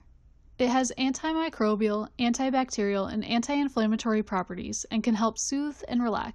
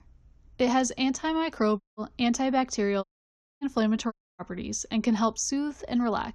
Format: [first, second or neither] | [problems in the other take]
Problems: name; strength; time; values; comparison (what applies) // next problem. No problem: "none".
first | audio cutting out; at 2 s, at 3 s for 0.5 s and at 4 s